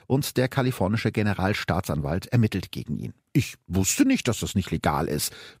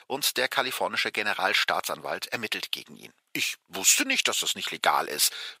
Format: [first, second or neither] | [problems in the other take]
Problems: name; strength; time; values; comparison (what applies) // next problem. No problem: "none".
first | thin; very; fading below 800 Hz